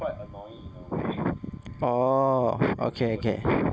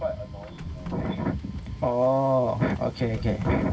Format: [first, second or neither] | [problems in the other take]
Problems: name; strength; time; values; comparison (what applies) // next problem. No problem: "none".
first | background sound (Printer); 17 dB below the speech // room echo; dies away in 0.4 s